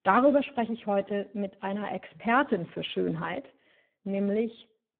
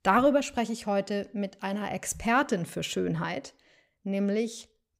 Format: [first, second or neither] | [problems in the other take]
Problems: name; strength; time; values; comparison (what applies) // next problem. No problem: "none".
second | phone-call audio; poor line